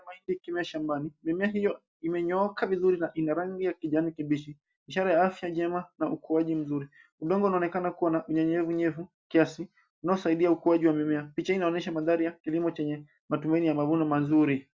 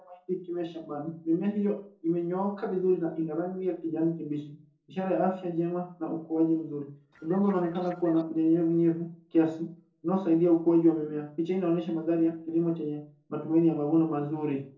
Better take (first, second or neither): first